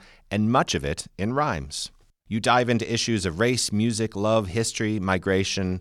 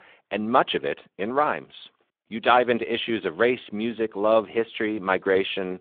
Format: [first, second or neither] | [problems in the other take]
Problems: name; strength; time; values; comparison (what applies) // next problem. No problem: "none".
first | phone-call audio; nothing above 3.5 kHz